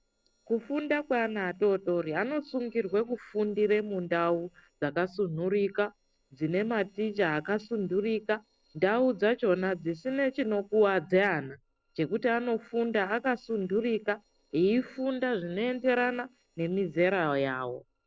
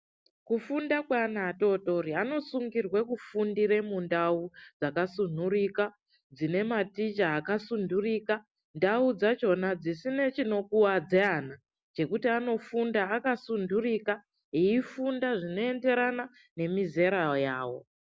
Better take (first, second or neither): second